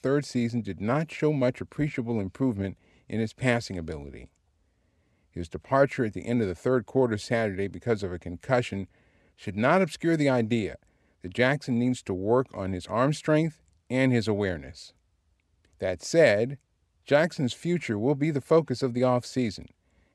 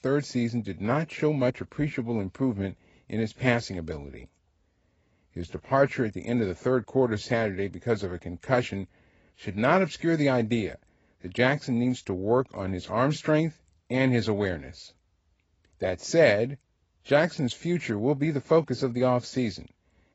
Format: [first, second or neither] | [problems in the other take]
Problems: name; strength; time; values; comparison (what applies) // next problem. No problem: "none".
first | garbled, watery; badly; nothing above 7.5 kHz